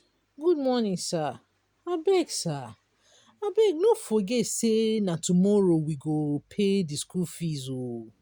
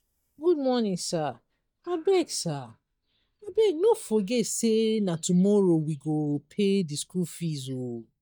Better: first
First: none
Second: noise reduction (neural mask model DeepFilterNet 3)

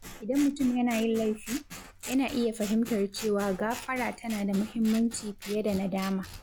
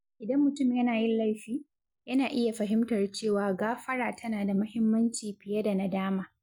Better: second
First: background sound (Scissors); 15 dB below the speech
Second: none

